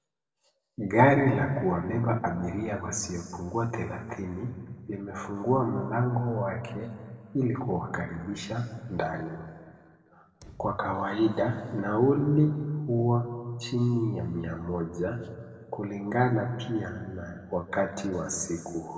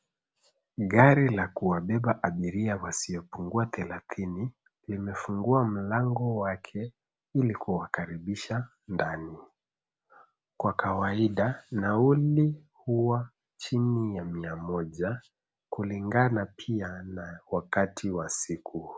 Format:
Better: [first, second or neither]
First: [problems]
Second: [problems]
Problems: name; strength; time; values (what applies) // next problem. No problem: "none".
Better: second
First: noise reduction (neural separator model SepFormer DNS4)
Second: none